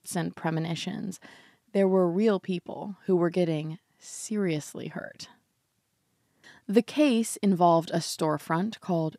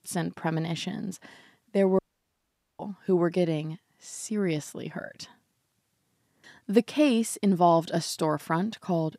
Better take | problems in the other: first | audio cutting out; at 2 s for 1 s

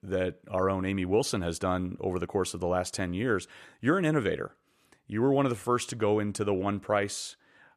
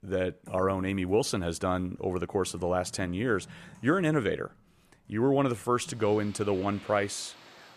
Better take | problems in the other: first | household noises; faint; throughout; 25 dB below the speech

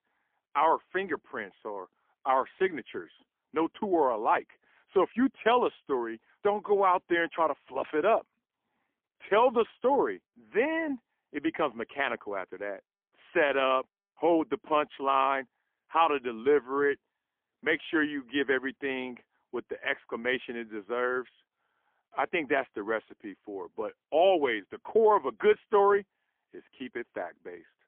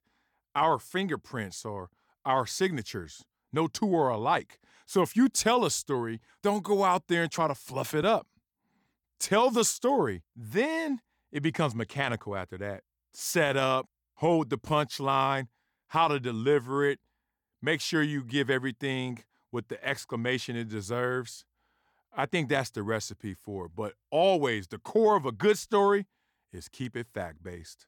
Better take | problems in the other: second | phone-call audio; poor line; nothing above 3.5 kHz

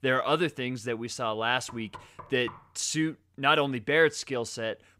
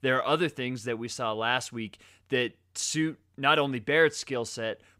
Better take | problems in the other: second | door banging; faint; at 1.5 s; peak 20 dB below the speech

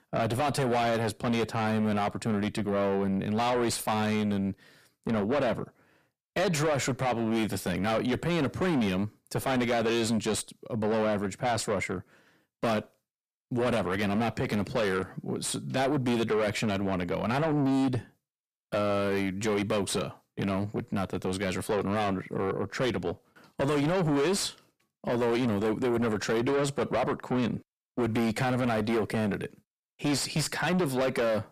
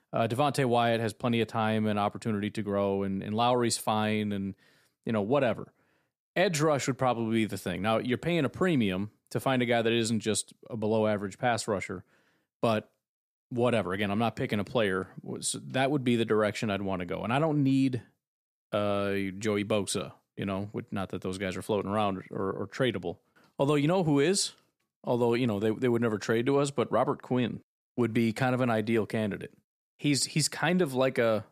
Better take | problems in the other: second | distortion; heavy; 6 dB below the speech

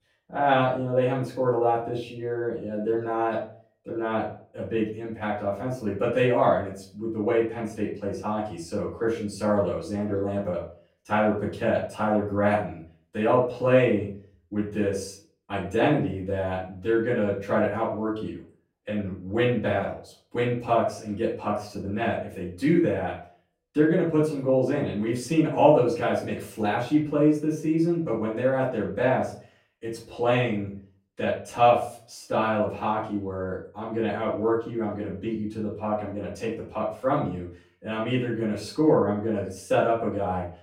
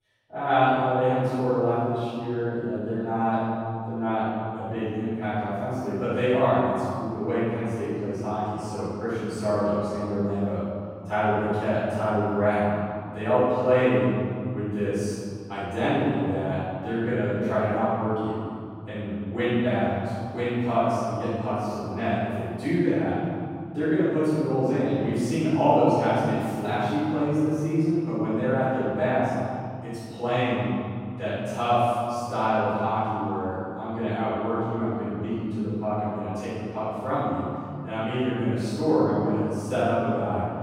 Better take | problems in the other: first | room echo; strong; dies away in 2.8 s; slight in the first // off-mic speech; far; far in the first

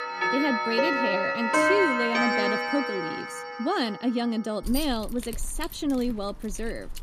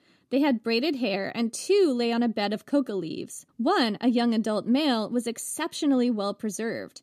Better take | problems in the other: second | household noises; very loud; throughout; 3 dB above the speech

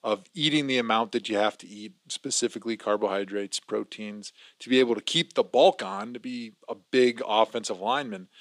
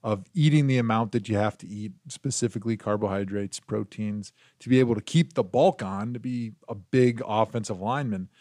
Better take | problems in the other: second | thin; somewhat; fading below 300 Hz

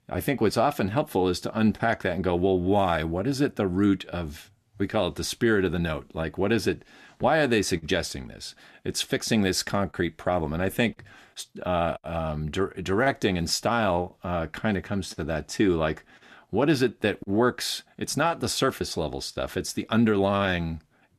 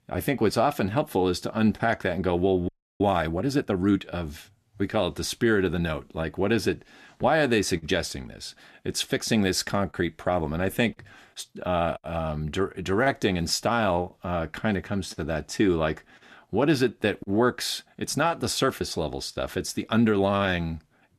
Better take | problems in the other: first | audio freezing; at 2.5 s

